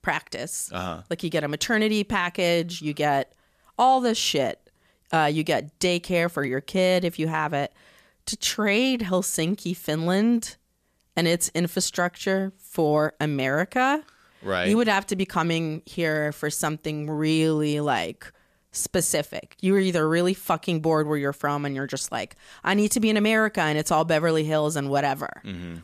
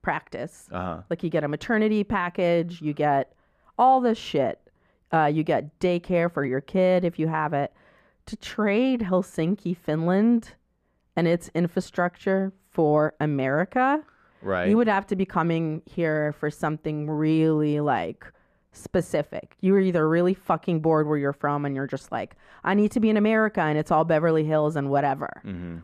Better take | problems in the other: first | muffled; very; fading above 3 kHz

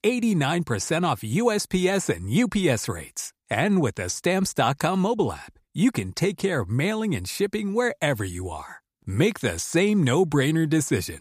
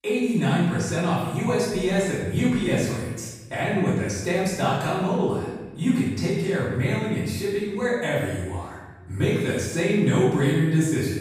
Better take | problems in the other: first | room echo; strong; dies away in 1 s // off-mic speech; far

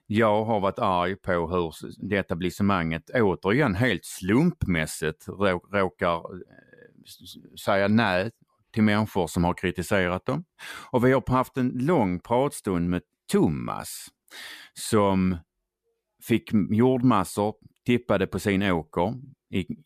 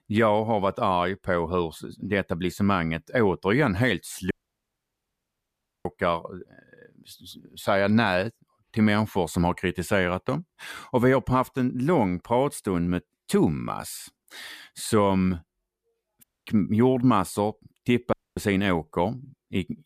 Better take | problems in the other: first | audio cutting out; at 4.5 s for 1.5 s, at 16 s and at 18 s

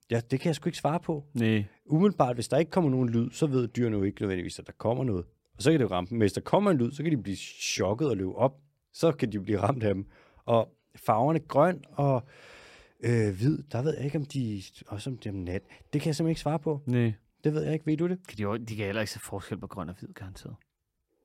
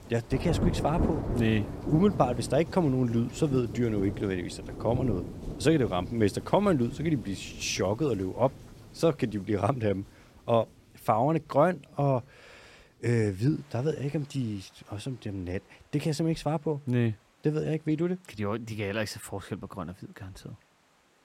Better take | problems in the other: first | rain or running water; loud; throughout; 8 dB below the speech

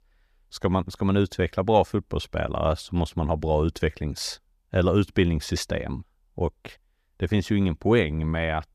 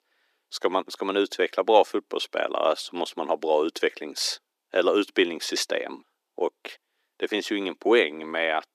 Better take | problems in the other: first | thin; very; fading below 300 Hz

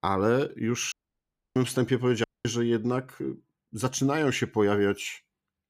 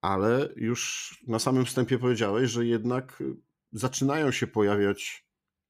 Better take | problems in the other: second | audio cutting out; at 1 s for 0.5 s and at 2 s

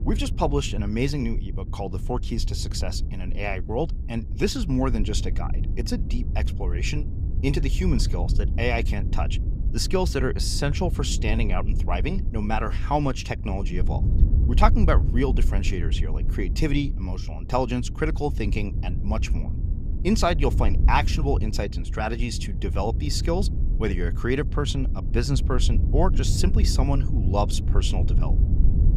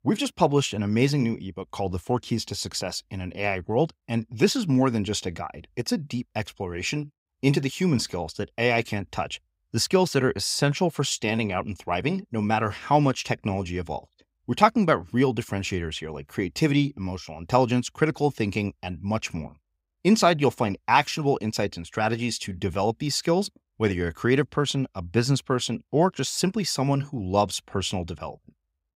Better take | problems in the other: second | wind noise on the microphone; occasional gusts; 15 dB below the speech

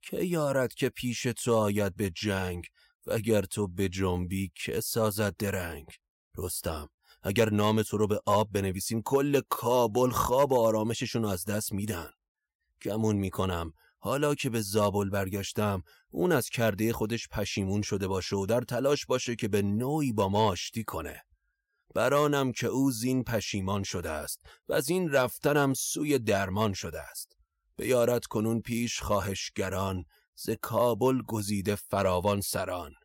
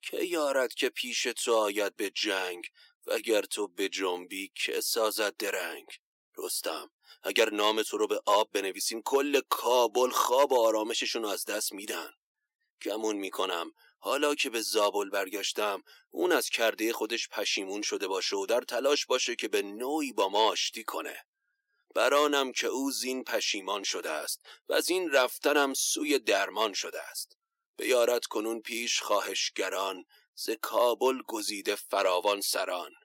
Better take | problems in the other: first | thin; somewhat; fading below 300 Hz

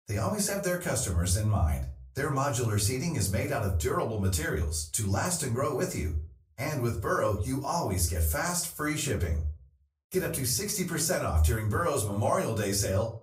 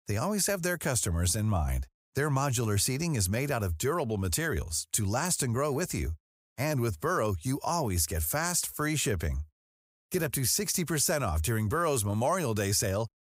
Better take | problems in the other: second | off-mic speech; far // room echo; very slight; dies away in 0.3 s

